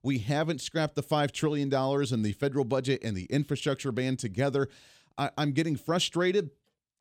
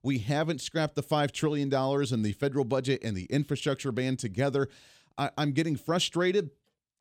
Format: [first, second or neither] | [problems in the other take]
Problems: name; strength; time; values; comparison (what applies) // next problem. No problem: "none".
neither | none